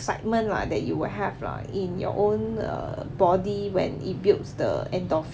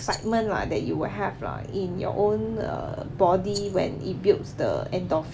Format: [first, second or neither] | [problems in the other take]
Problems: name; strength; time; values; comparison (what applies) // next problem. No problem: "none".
first | background sound (Rattle); 16 dB below the speech